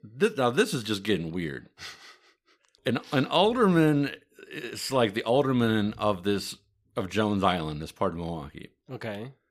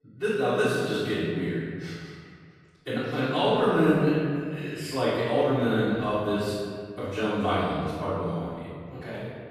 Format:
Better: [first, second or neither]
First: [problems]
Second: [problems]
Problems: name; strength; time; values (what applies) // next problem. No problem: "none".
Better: first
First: none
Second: off-mic speech; far // room echo; strong; dies away in 2 s